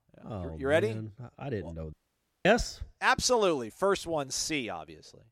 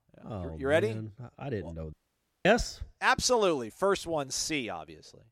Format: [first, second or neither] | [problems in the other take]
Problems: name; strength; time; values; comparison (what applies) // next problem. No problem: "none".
neither | audio cutting out; at 2 s for 0.5 s; the same in both